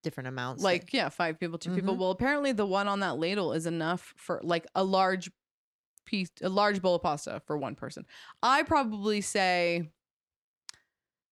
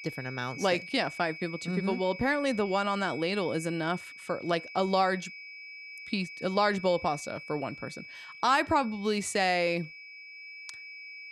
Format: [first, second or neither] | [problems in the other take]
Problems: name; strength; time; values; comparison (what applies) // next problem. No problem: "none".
first | high-pitched whine; noticeable; throughout; 2.5 kHz, 15 dB below the speech